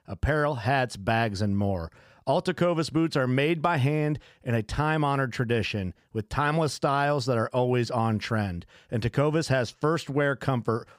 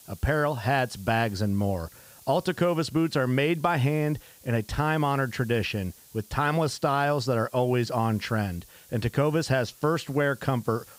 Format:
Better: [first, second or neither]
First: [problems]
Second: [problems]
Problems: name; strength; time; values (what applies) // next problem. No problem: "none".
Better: first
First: none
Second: hiss; faint; throughout; 25 dB below the speech